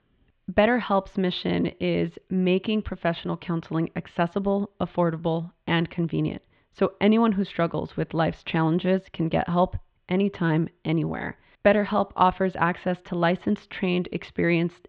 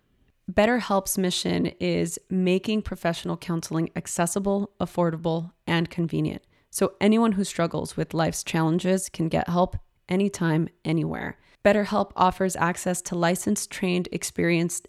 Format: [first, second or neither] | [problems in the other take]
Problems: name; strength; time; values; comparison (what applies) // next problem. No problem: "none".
second | muffled; very; fading above 3.5 kHz